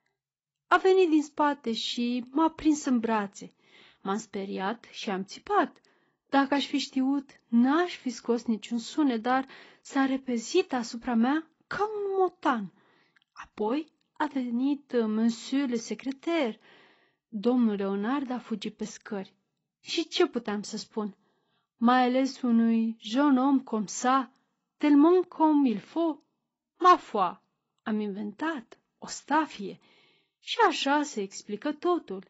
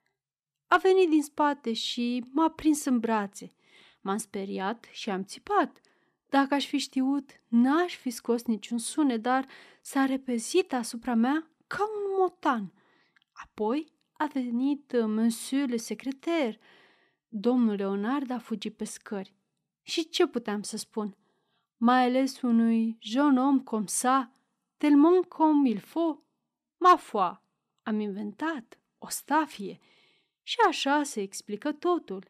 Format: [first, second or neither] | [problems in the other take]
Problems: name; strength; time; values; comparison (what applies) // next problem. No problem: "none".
second | garbled, watery; badly; nothing above 7.5 kHz